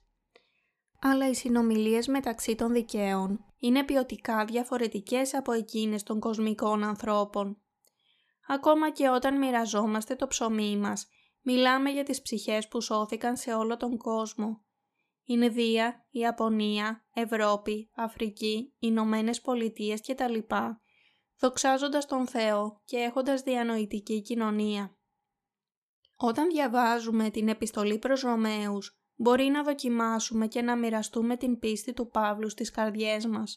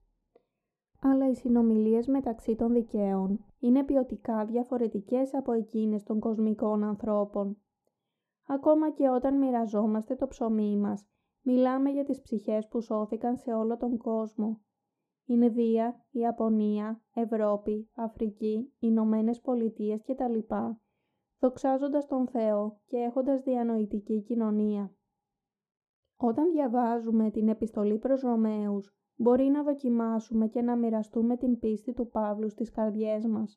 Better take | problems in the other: first | muffled; very; fading above 1 kHz

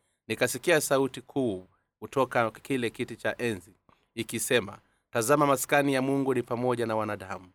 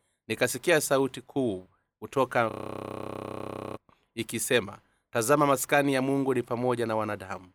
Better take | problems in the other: first | audio freezing; at 2.5 s for 1.5 s

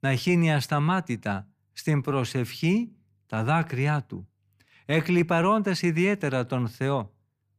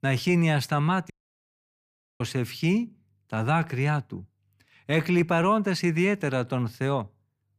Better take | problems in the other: first | audio cutting out; at 1 s for 1 s

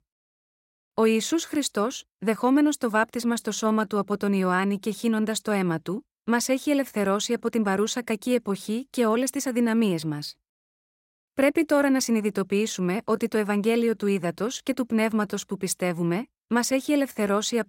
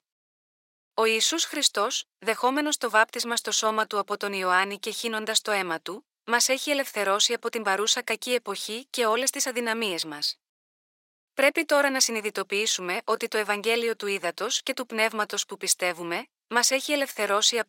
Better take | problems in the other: first | thin; somewhat; fading below 550 Hz

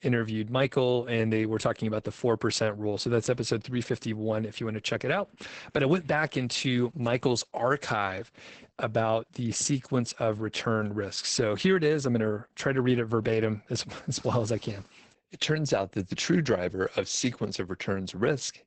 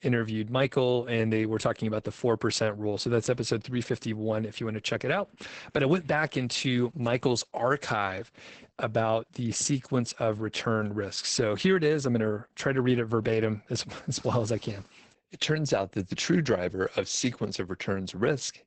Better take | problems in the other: neither | garbled, watery; badly; nothing above 8 kHz; the same in both

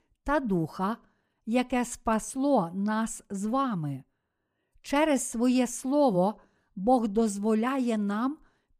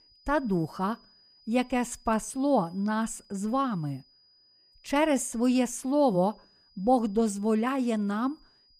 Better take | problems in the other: first | high-pitched whine; faint; throughout; 5 kHz, 30 dB below the speech

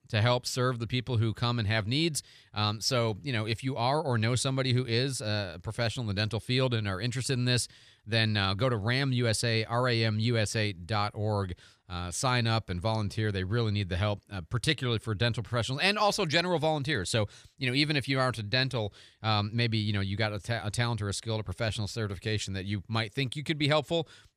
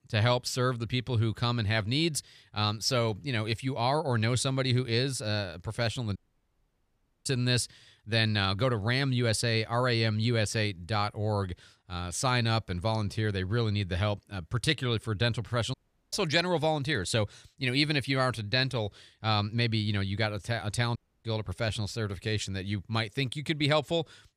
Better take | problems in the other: first | audio cutting out; at 6 s for 1 s, at 16 s and at 21 s

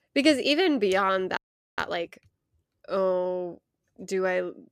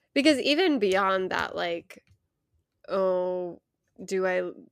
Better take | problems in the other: second | audio freezing; at 1.5 s

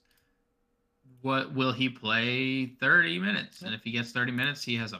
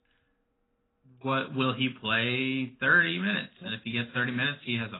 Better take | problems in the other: first | garbled, watery; badly; nothing above 4 kHz

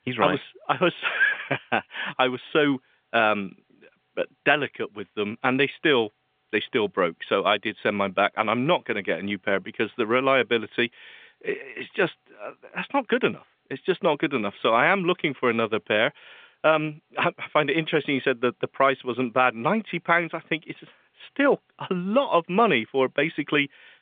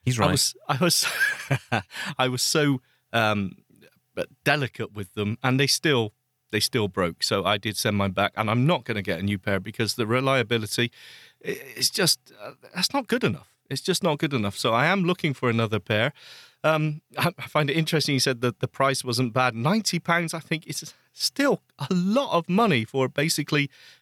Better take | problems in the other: second | phone-call audio; nothing above 3.5 kHz

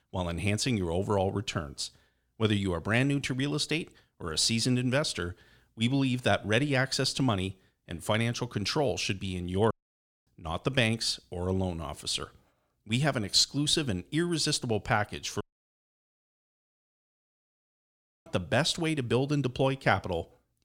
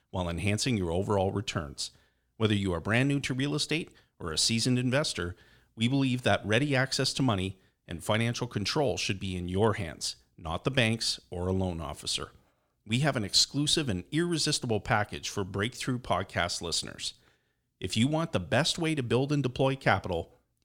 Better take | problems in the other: second | audio cutting out; at 9.5 s for 0.5 s and at 15 s for 3 s

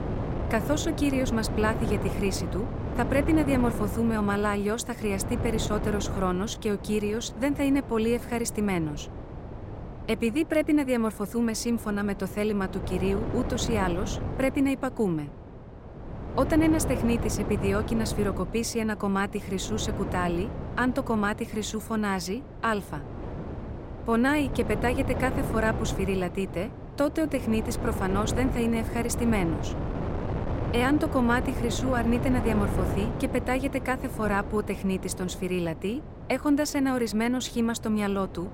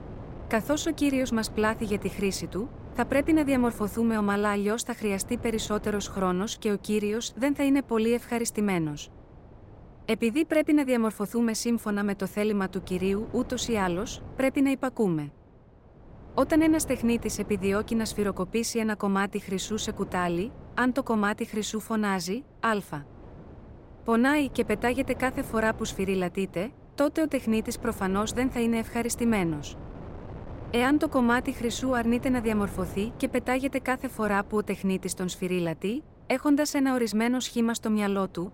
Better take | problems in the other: second | wind noise on the microphone; heavy; 9 dB below the speech; occasional gusts in the second

